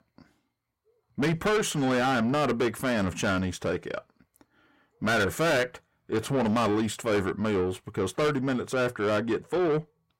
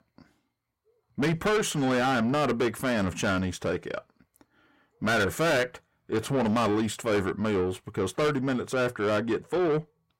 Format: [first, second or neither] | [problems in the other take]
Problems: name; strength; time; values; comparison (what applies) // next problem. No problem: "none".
neither | distortion; heavy; 6 dB below the speech; the same in both